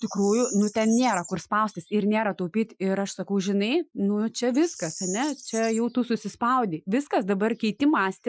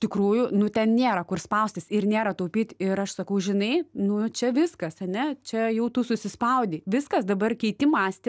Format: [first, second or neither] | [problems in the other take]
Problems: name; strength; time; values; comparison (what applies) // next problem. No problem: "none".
second | noise reduction (classical method Wiener filter)